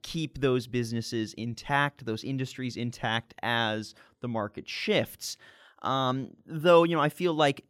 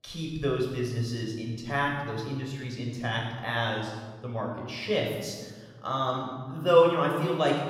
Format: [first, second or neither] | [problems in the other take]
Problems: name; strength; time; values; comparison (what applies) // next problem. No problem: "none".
first | off-mic speech; somewhat distant // room echo; noticeable; dies away in 1.3 s